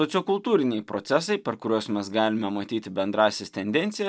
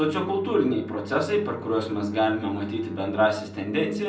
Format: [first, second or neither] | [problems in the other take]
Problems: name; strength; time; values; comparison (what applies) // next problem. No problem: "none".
first | background sound (Bowed string instrument); 17 dB below the speech // room echo; dies away in 0.6 s